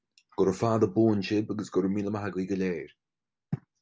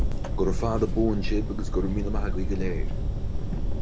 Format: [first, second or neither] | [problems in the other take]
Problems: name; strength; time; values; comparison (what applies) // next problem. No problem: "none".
first | background sound (Fire); 4 dB above the speech